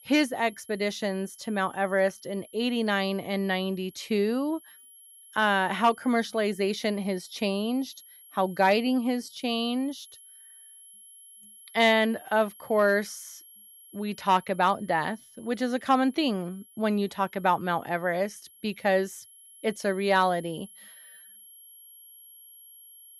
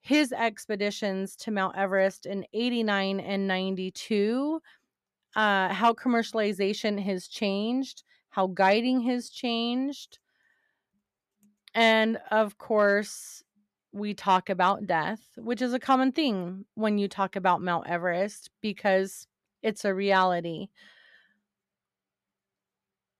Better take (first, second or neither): second